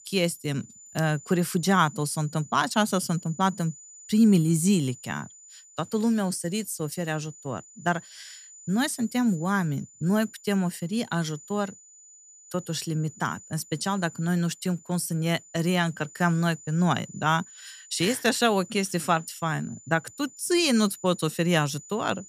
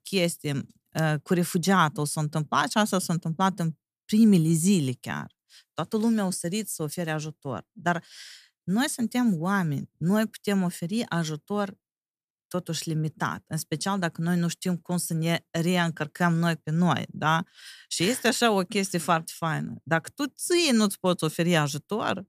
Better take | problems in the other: second | high-pitched whine; faint; throughout; 7 kHz, 20 dB below the speech

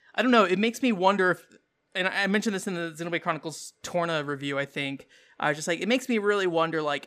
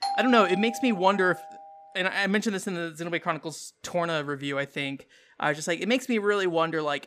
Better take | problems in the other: first | doorbell; noticeable; until 1.5 s; peak 4 dB below the speech

